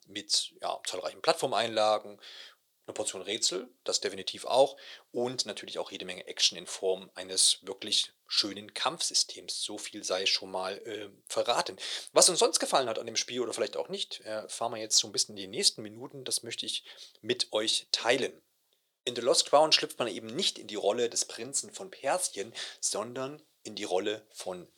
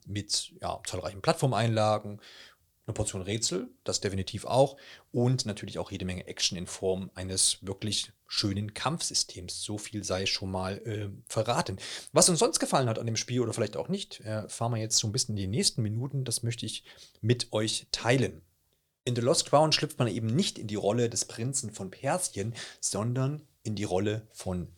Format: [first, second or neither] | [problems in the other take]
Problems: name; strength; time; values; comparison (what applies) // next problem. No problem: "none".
second | thin; somewhat; fading below 450 Hz